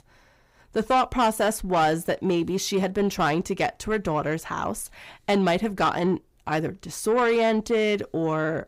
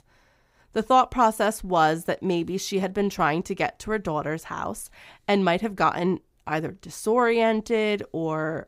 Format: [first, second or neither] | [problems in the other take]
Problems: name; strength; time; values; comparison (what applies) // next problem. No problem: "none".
second | distortion; slight; 10 dB below the speech